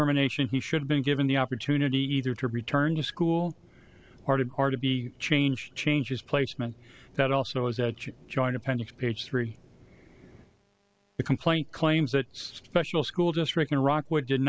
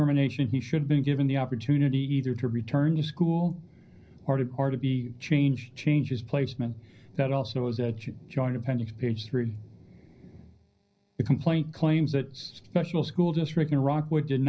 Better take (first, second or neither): first